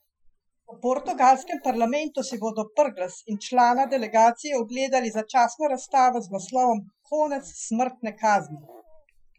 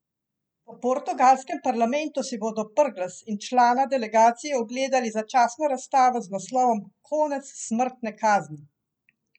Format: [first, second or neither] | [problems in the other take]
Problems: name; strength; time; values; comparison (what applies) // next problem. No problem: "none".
second | noise reduction (classical method Wiener filter)